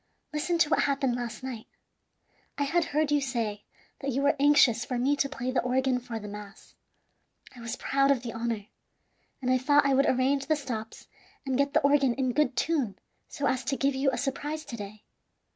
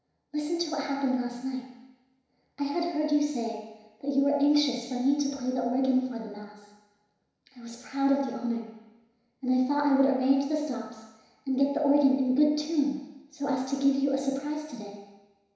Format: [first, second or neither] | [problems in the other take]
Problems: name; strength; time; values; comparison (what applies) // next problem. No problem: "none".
first | room echo; dies away in 1 s